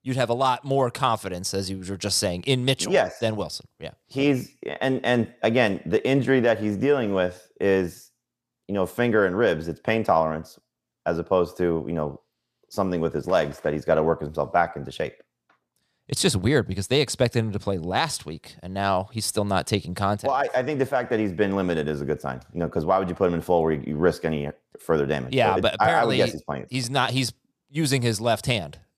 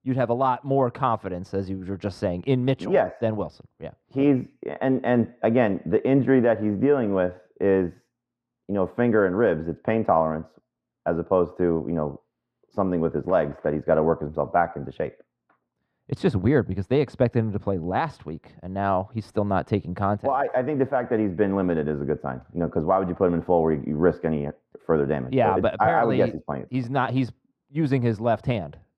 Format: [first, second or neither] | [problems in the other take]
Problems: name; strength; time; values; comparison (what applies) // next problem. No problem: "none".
first | muffled; very; fading above 3.5 kHz